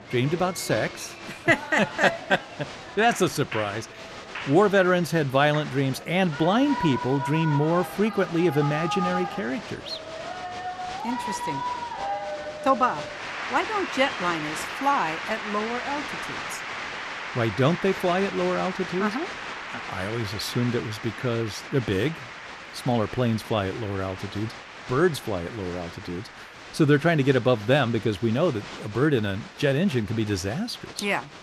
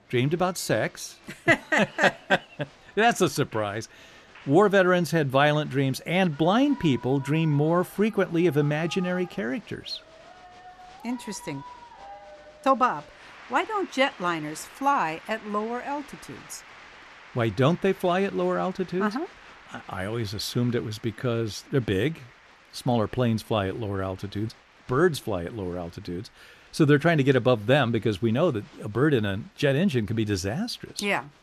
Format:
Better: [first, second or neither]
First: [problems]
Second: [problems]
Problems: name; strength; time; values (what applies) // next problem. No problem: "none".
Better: second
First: crowd noise; loud; throughout; 9 dB below the speech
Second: crowd noise; faint; throughout; 25 dB below the speech